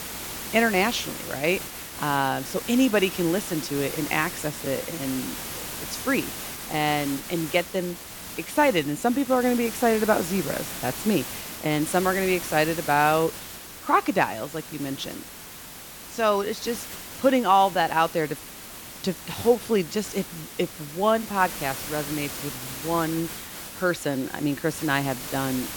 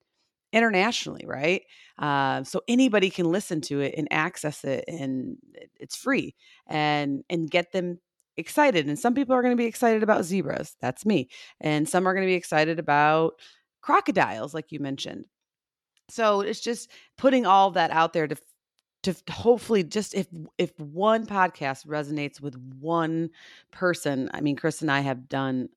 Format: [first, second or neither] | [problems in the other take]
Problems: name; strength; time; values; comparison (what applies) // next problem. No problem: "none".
second | hiss; loud; throughout; 9 dB below the speech